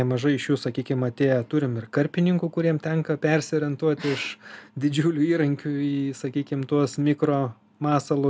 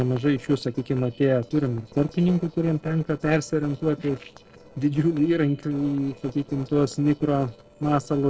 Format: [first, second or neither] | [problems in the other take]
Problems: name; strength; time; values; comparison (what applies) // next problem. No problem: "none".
first | noise reduction (neural separator model SepFormer DNS4)